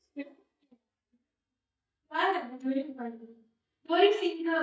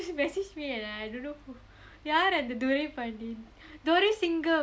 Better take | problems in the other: second | noise reduction (neural mask model DeepFilterNet 3)

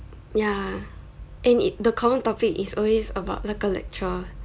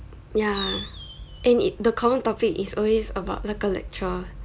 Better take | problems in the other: first | background sound (Fireworks); 11 dB below the speech

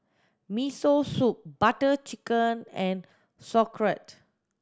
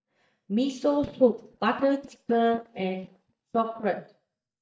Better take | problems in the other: first | noise reduction (neural mask model DeepFilterNet 3)

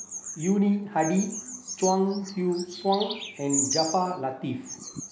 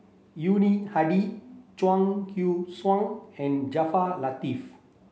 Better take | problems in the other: second | background sound (Bird vocalization, bird call, bird song); 8 dB below the speech

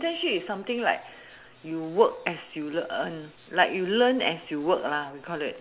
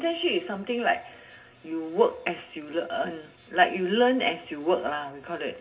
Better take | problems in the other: first | room echo; dies away in 0.4 s

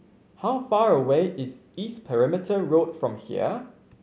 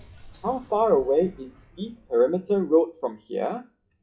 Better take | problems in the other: first | noise reduction (classical method WPE with log-MMSE)

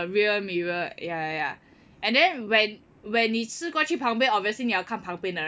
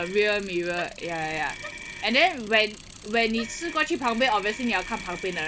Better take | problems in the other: first | background sound (Motor vehicle (road) + Bicycle); 13 dB below the speech

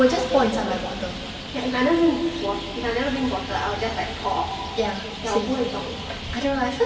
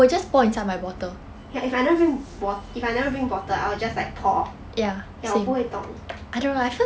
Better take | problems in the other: second | background sound (Traffic noise, roadway noise); 11 dB below the speech // room echo; dies away in 2.3 s

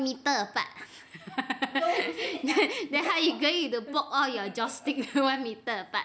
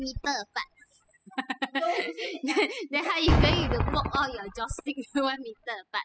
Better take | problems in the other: first | noise reduction (classical method spectral subtraction)

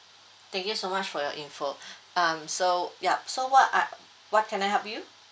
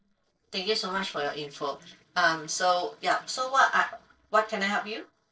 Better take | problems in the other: first | noise reduction (neural separator model SepFormer DNS4)

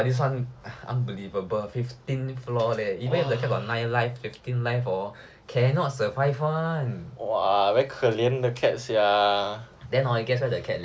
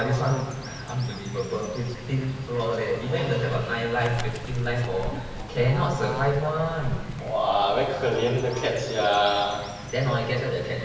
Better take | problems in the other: first | background sound (Bird / Fowl); 11 dB below the speech // room echo; dies away in 1.1 s

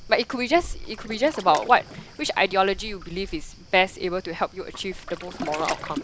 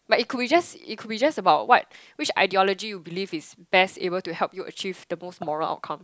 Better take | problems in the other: second | background sound (Waves, surf); 12 dB below the speech

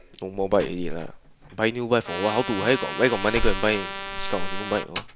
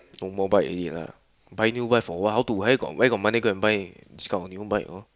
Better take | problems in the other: second | background sound (Trumpet + Slam); 4 dB below the speech

